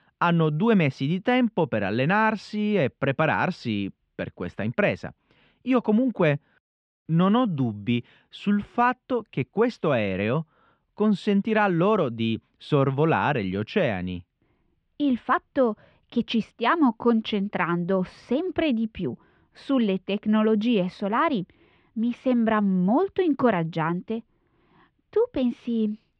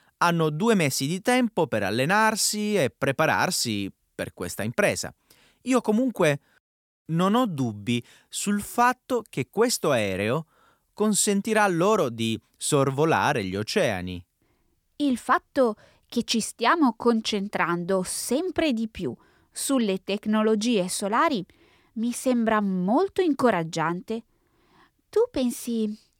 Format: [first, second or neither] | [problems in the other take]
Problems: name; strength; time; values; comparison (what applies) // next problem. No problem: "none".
second | muffled; very; fading above 3 kHz